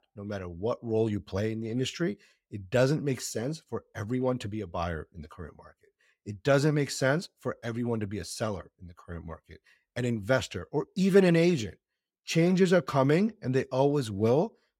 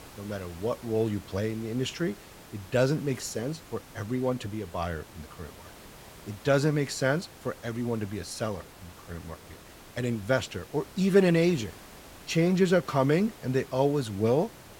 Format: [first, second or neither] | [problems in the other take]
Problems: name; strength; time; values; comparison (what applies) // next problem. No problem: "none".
first | hiss; noticeable; throughout; 20 dB below the speech